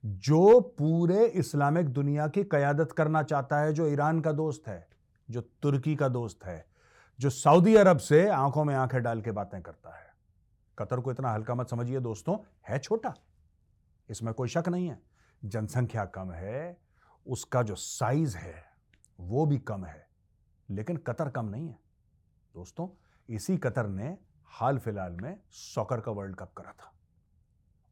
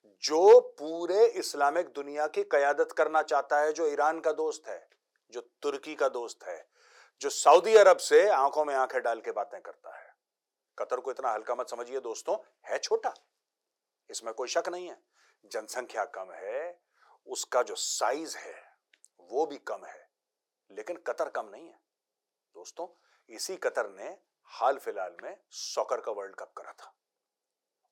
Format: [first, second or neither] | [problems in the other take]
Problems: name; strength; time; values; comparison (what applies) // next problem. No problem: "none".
first | thin; very; fading below 400 Hz